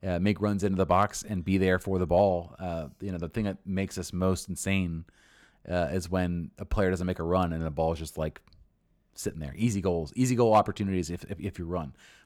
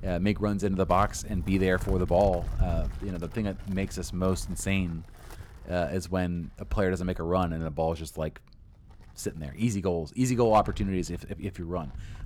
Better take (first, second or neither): first